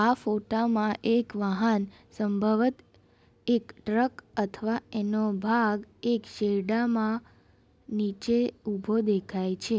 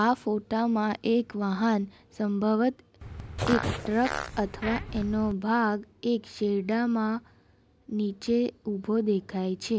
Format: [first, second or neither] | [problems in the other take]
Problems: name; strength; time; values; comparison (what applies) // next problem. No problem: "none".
first | background sound (Fart); 6 dB below the speech